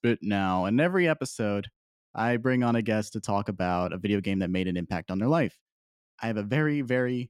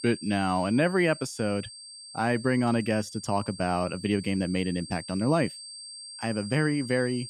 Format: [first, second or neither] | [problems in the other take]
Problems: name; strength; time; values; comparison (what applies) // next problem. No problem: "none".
first | high-pitched whine; noticeable; throughout; 4.5 kHz, 15 dB below the speech